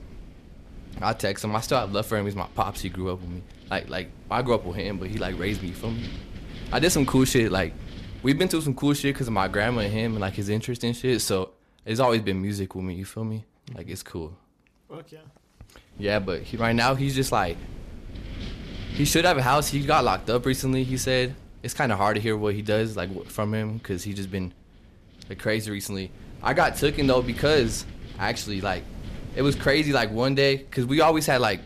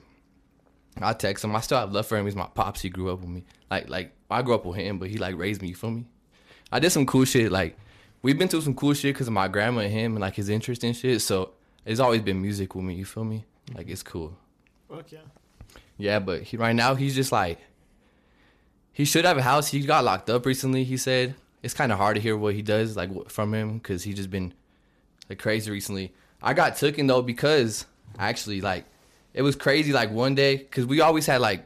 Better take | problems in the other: second | wind noise on the microphone; occasional gusts; until 11 s and from 16 s on; 20 dB below the speech

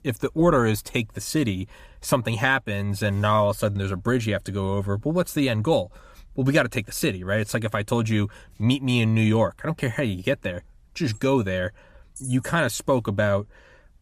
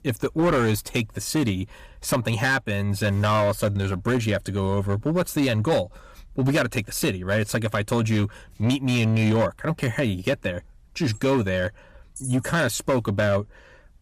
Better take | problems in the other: first | distortion; slight; 8% of the sound clipped

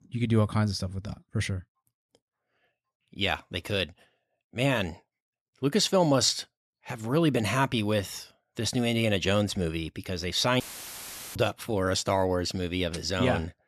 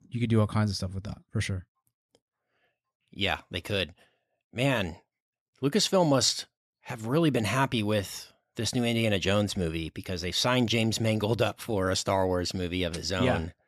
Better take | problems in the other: second | audio cutting out; filled with static; at 11 s for 1 s

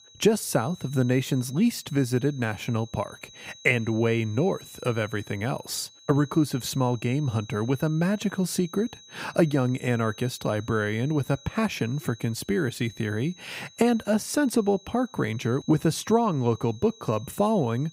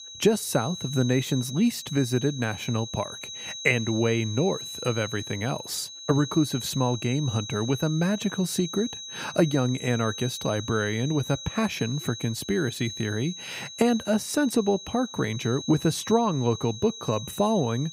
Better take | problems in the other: first | high-pitched whine; loud; throughout; 4 kHz, 10 dB below the speech; faint in the first

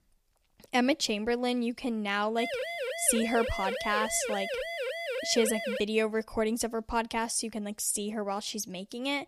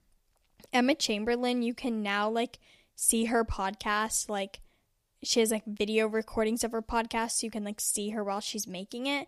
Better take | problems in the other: second | siren; noticeable; from 2.5 to 6 s; peak 3 dB below the speech

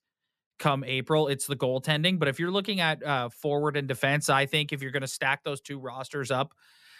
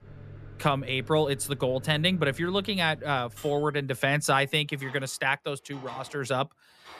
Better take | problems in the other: first | household noises; noticeable; throughout; 20 dB below the speech

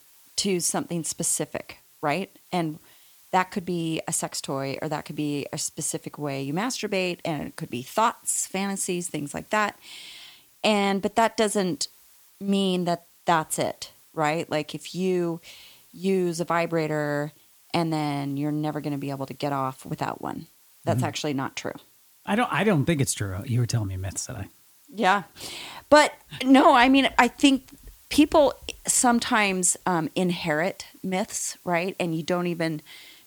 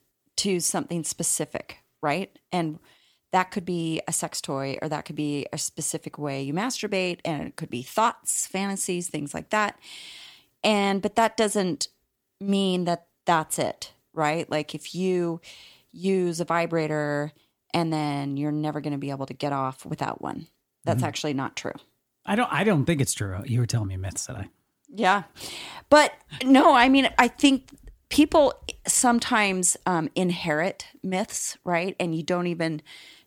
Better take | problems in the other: second | hiss; faint; throughout; 30 dB below the speech

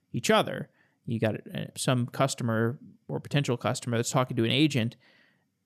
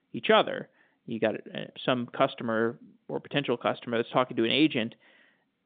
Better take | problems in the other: first | phone-call audio; nothing above 3.5 kHz

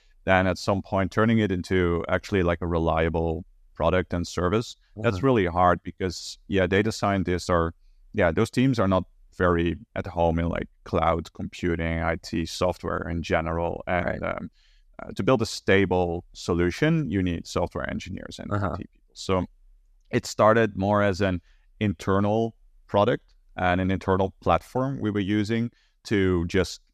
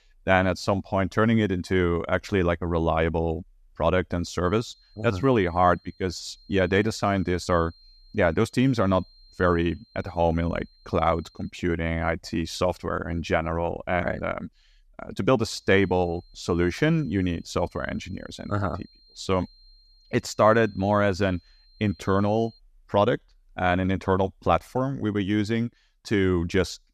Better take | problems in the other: first | high-pitched whine; faint; from 4.5 to 12 s and from 15 to 23 s; 4 kHz, 30 dB below the speech

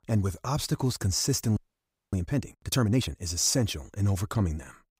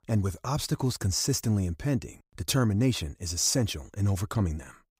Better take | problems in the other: second | audio freezing; at 1.5 s for 0.5 s

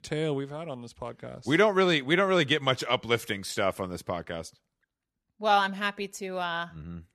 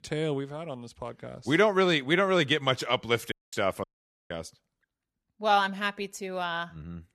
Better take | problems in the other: first | audio cutting out; at 3.5 s and at 4 s

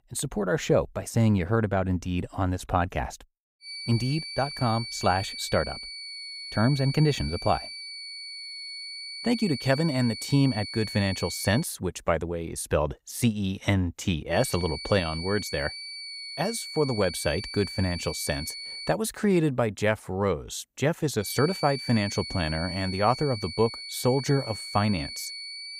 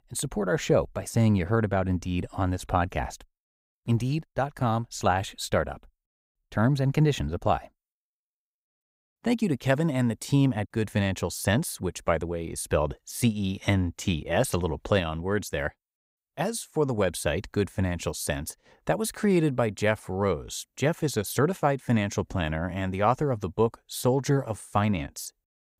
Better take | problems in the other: second | high-pitched whine; loud; from 3.5 to 12 s, from 14 to 19 s and from 21 s on; 4.5 kHz, 8 dB below the speech

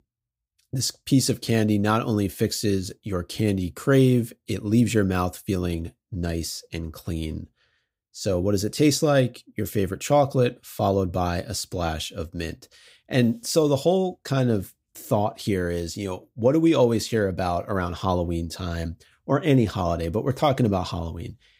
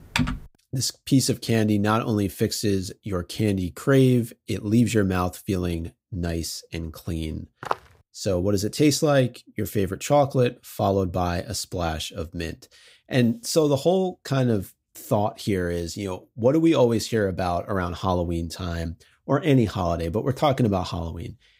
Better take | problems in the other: first | keyboard typing; noticeable; at the start; peak 2 dB below the speech // footsteps; noticeable; at 7.5 s; peak 7 dB below the speech

